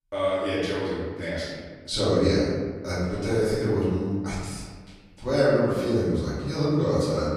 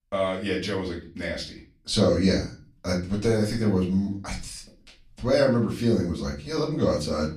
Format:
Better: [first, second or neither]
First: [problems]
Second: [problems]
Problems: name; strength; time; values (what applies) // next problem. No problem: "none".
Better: second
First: room echo; strong; dies away in 1.5 s // off-mic speech; far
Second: room echo; slight; dies away in 0.4 s // off-mic speech; far